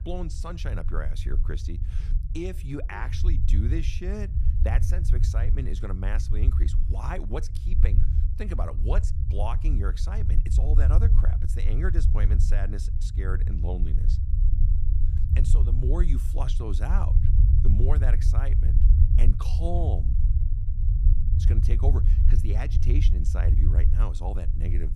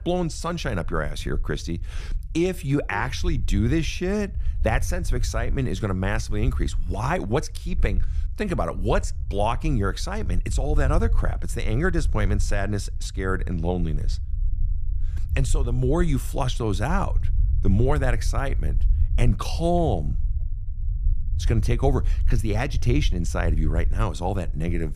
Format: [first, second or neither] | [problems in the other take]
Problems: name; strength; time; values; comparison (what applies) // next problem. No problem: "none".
second | low rumble; loud; throughout; 5 dB below the speech; faint in the second